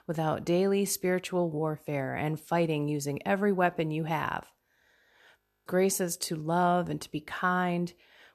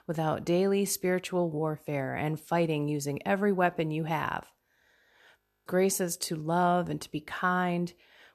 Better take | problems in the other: neither | audio freezing; at 5.5 s; the same in both

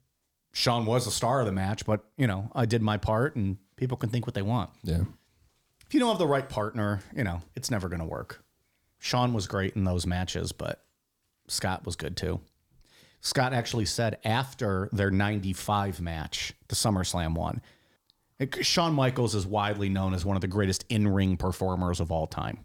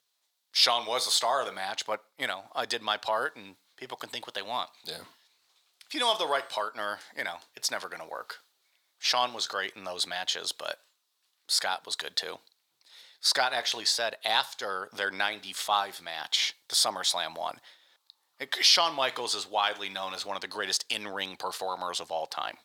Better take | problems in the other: first | thin; very; fading below 850 Hz

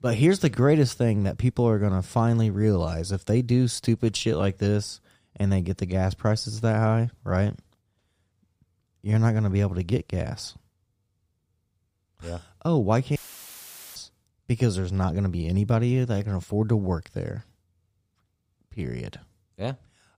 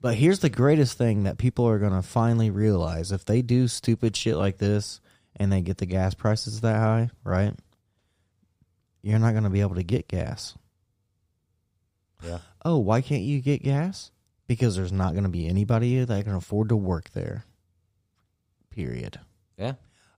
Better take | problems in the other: second | audio cutting out; filled with static; at 13 s for 1 s

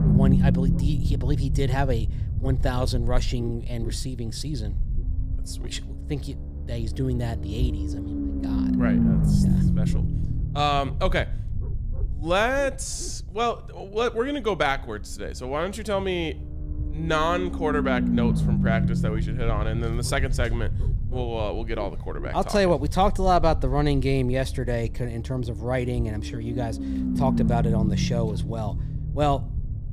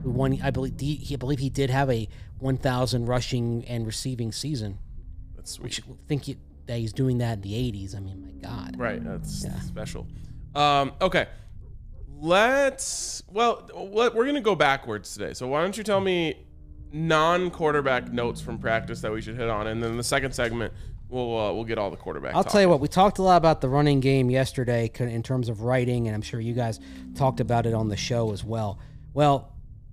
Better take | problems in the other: second | low rumble; loud; throughout; 8 dB below the speech; faint in the second

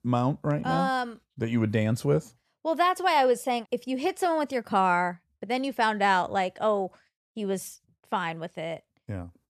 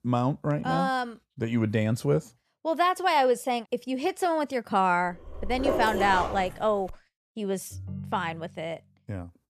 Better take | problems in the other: first | dog barking; noticeable; from 5.5 to 7 s; peak 1 dB below the speech // phone ringing; faint; at 7.5 s; peak 10 dB below the speech

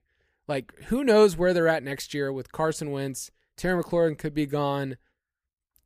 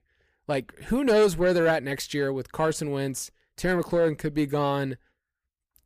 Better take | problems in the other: first | distortion; slight; 10 dB below the speech

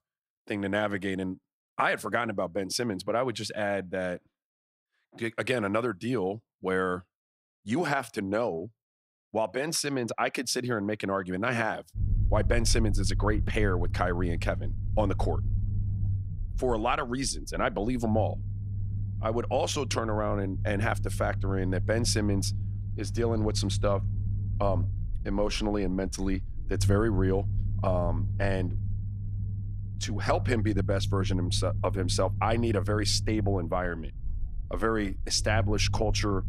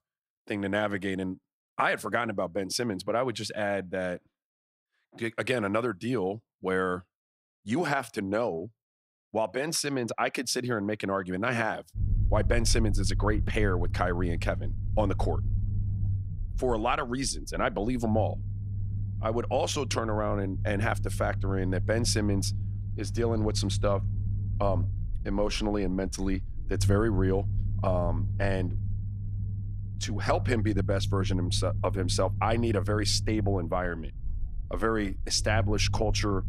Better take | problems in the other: neither | low rumble; noticeable; from 12 s on; 15 dB below the speech; the same in both

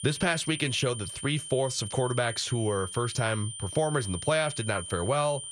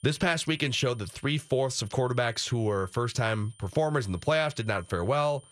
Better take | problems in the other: second | high-pitched whine; loud; throughout; 9 kHz, 8 dB below the speech; faint in the second

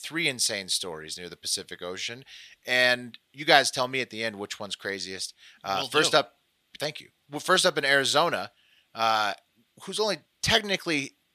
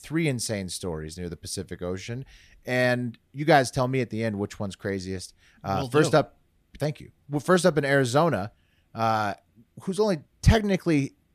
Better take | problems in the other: second | thin; somewhat; fading below 1 kHz

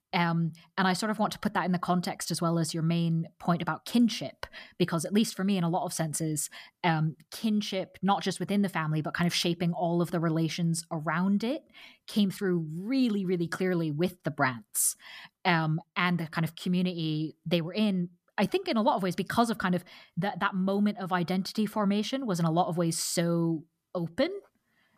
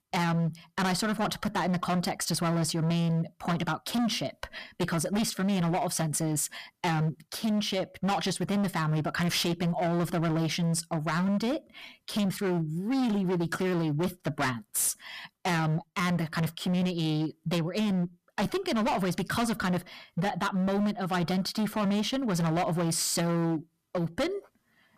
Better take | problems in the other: first | distortion; heavy; 24% of the sound clipped

